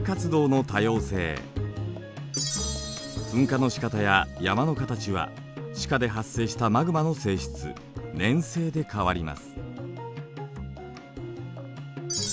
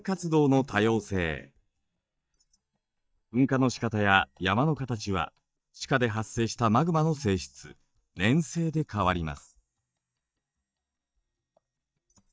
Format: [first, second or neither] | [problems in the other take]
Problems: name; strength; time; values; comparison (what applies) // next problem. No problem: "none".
first | noise reduction (neural mask model DeepFilterNet 3)